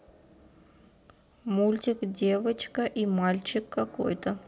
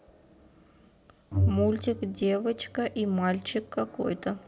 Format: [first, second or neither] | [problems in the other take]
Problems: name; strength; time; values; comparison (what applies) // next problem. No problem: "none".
first | background sound (Bowed string instrument); 3 dB below the speech